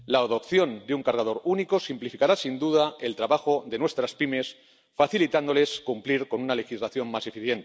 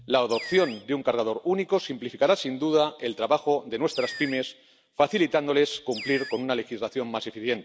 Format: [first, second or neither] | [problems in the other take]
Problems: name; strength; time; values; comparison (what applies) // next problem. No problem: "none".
first | background sound (Animal); 16 dB below the speech